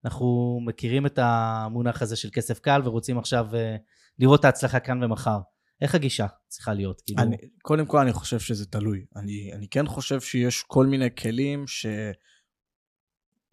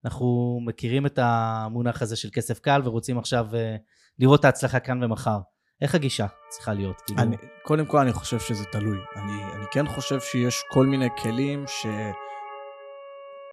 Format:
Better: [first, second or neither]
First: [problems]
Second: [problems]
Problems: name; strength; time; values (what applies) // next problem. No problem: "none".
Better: first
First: none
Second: siren; faint; from 6 s on; peak 10 dB below the speech